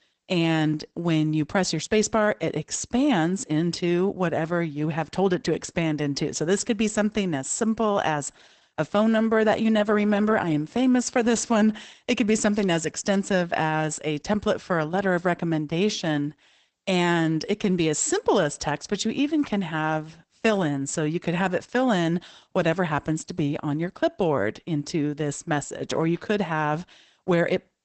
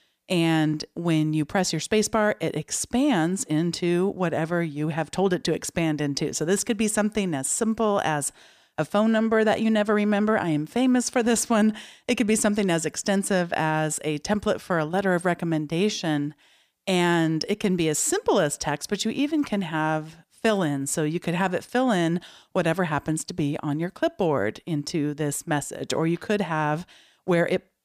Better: second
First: garbled, watery; badly; nothing above 8 kHz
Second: none

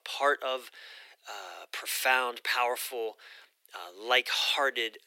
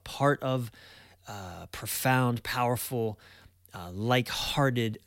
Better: second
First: thin; very; fading below 350 Hz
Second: none

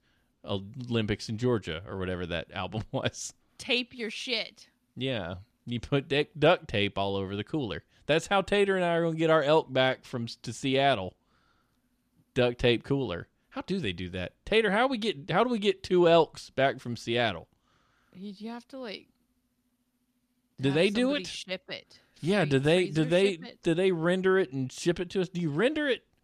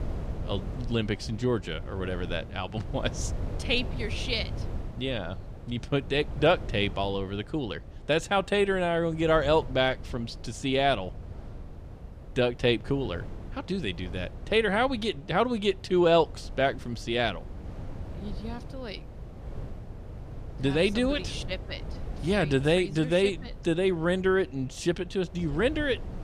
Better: first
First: none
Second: wind noise on the microphone; occasional gusts; 20 dB below the speech

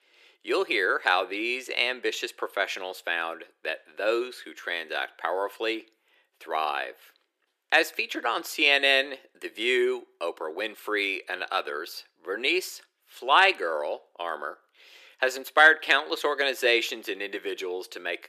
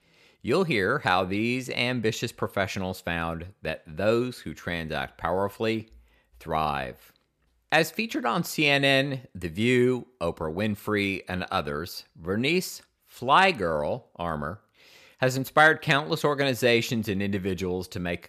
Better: second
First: thin; very; fading below 350 Hz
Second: none

